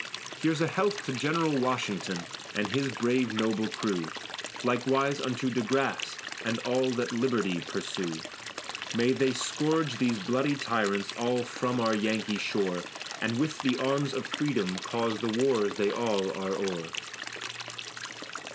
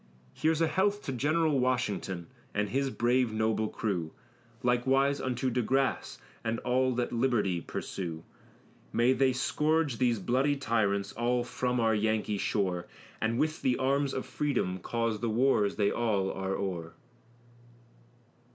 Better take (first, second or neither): second